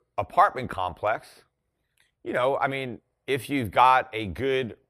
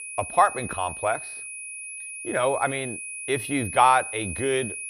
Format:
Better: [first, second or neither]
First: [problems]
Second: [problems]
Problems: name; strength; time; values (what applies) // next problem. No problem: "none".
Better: first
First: none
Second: high-pitched whine; loud; throughout; 2.5 kHz, 9 dB below the speech